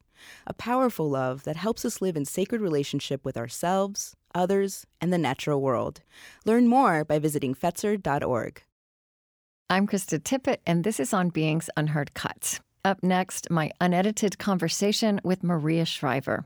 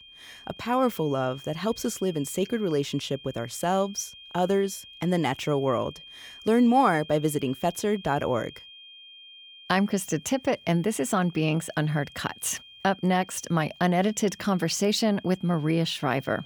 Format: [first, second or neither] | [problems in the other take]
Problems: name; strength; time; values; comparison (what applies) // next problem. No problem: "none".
first | high-pitched whine; noticeable; throughout; 3 kHz, 20 dB below the speech